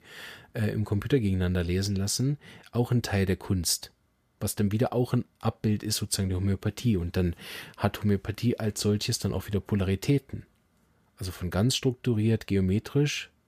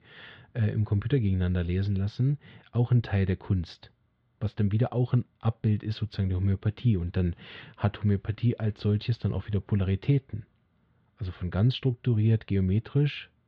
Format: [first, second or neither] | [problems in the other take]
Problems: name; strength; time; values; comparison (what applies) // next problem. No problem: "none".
first | muffled; slightly; fading above 3.5 kHz